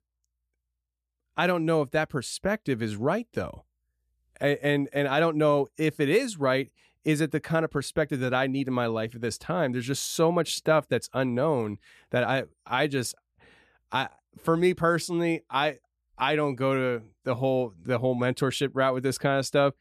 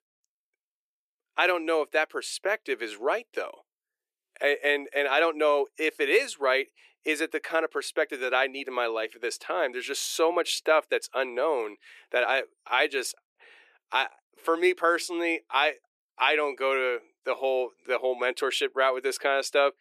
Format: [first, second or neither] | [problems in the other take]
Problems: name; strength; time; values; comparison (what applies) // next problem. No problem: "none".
first | thin; very; fading below 350 Hz